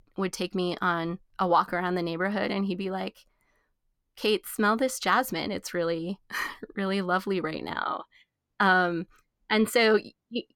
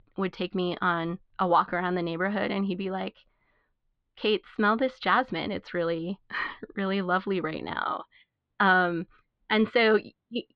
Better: first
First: none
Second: muffled; slightly; fading above 4 kHz

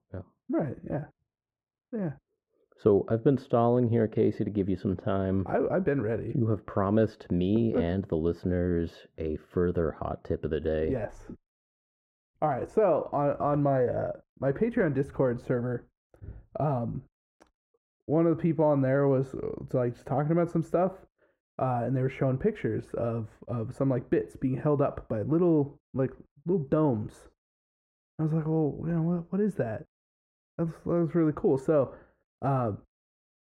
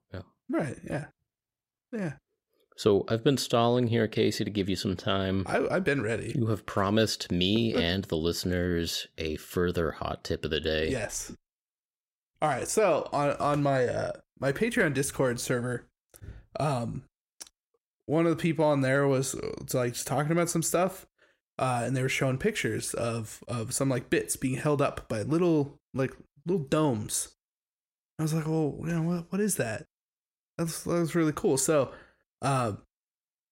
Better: second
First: muffled; very; fading above 2.5 kHz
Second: none

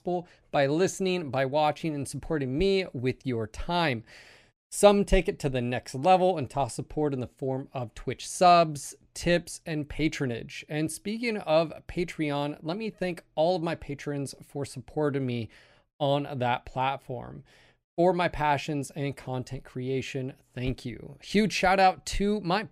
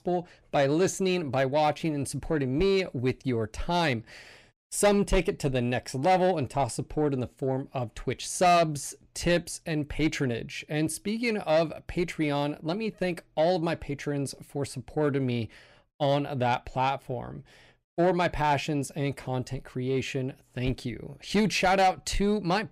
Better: first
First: none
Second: distortion; slight; 10 dB below the speech

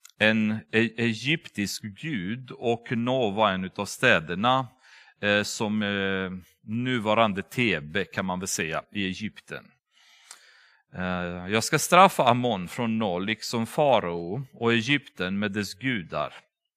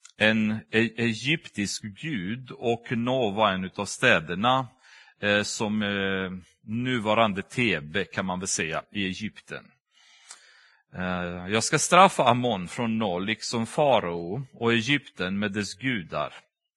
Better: first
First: none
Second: garbled, watery; badly; nothing above 10.5 kHz

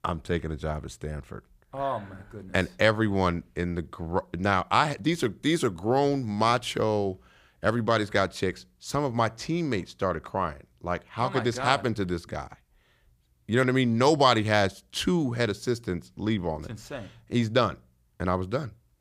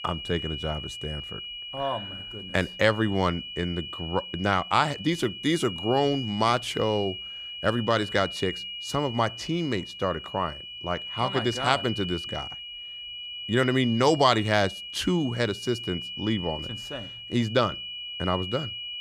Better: first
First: none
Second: high-pitched whine; loud; throughout; 3 kHz, 8 dB below the speech

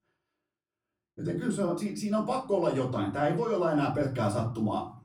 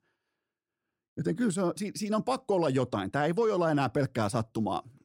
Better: second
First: room echo; slight; dies away in 0.4 s // off-mic speech; far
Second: none

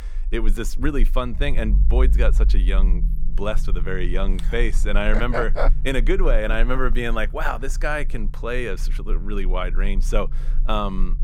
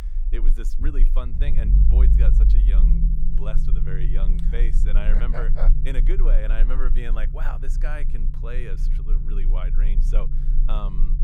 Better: first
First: low rumble; faint; throughout; 20 dB below the speech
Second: low rumble; loud; throughout; 6 dB below the speech

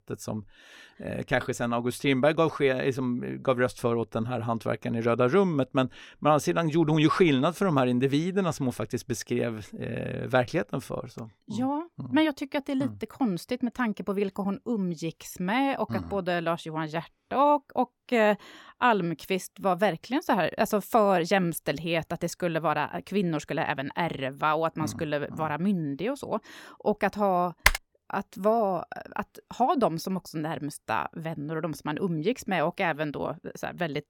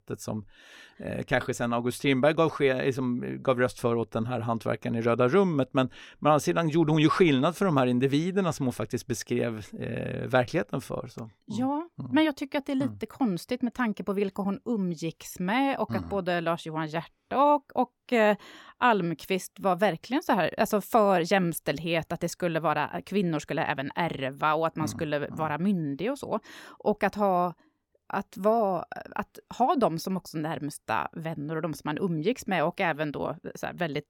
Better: second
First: keyboard typing; loud; at 28 s; peak 4 dB above the speech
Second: none

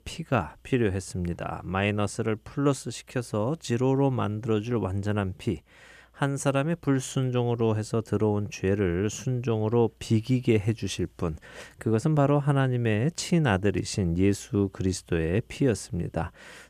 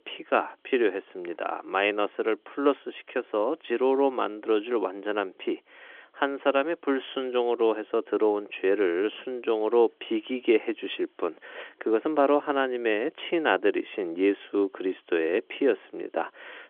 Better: first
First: none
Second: phone-call audio

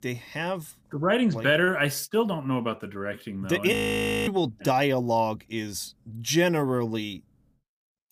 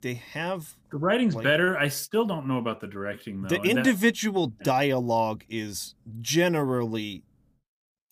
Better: second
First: audio freezing; at 3.5 s for 0.5 s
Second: none

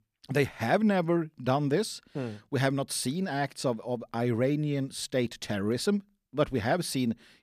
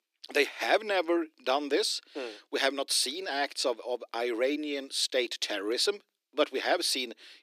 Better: first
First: none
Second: thin; somewhat; fading below 300 Hz

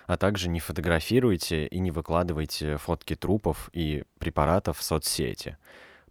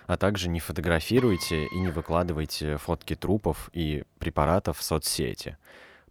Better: first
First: none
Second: machinery noise; noticeable; throughout; 15 dB below the speech

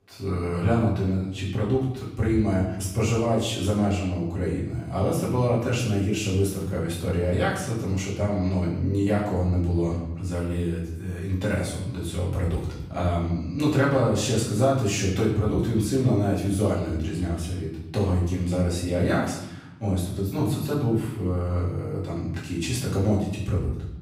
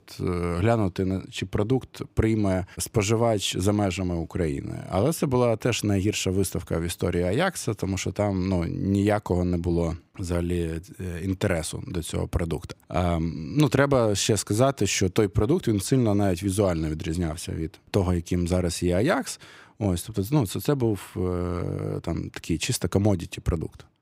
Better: second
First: off-mic speech; far // room echo; noticeable; dies away in 0.8 s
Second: none

